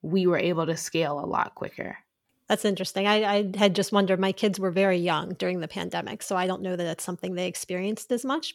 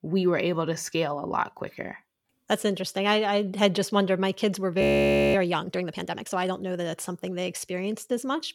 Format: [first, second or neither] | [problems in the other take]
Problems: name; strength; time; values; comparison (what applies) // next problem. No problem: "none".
first | audio freezing; at 5 s for 0.5 s